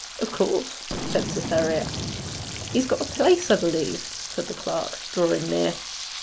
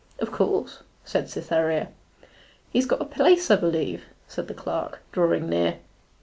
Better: second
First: background sound (Frying (food) + Boom); 7 dB below the speech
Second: none

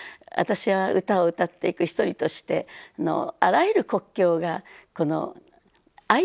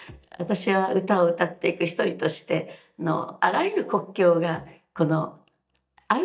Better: first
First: none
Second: noise reduction (neural mask model DeepFilterNet 3)

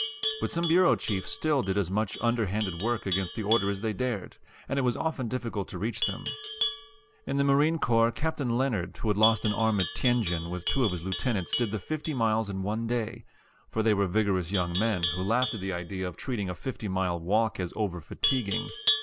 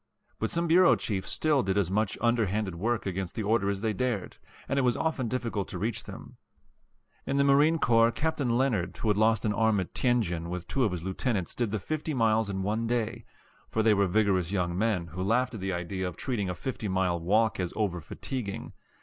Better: second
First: background sound (Livestock, farm animals, working animals); 9 dB below the speech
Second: none

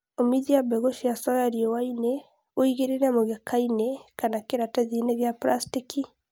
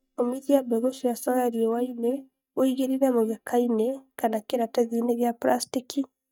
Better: first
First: none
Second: noise reduction (neural mask model DeepFilterNet 3)

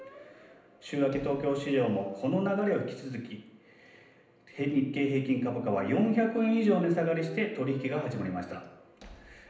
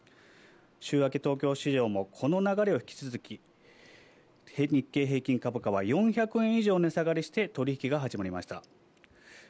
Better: second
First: background sound (Squeak); 16 dB below the speech // room echo; dies away in 0.8 s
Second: none

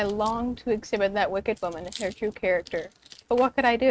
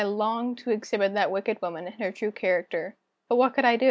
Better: second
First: noise reduction (neural mask model RNNoise)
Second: none

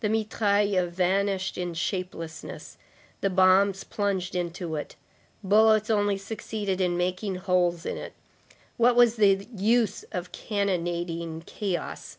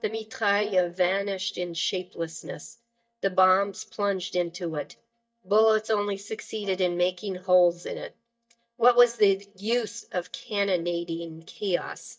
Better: first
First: none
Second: noise reduction (neural mask model DeepFilterNet 3)

